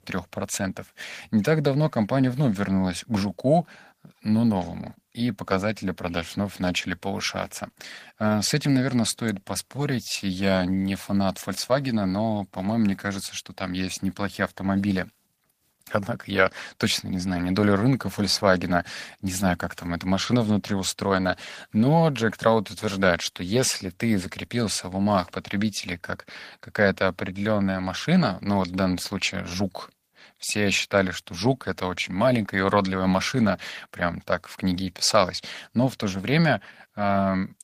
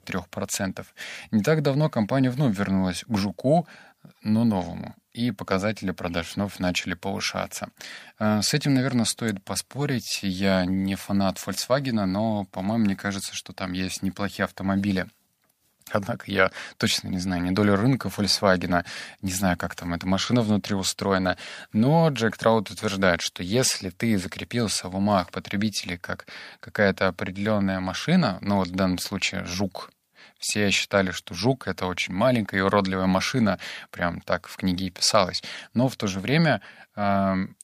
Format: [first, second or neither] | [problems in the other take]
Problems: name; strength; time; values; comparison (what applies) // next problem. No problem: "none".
second | garbled, watery; slightly; nothing above 15 kHz